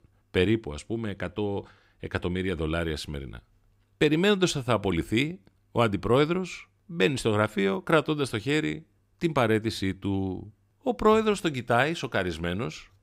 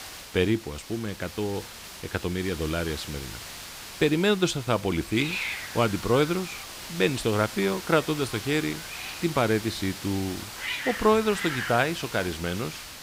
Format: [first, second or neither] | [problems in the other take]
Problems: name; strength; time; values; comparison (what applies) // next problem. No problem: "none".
first | hiss; loud; throughout; 9 dB below the speech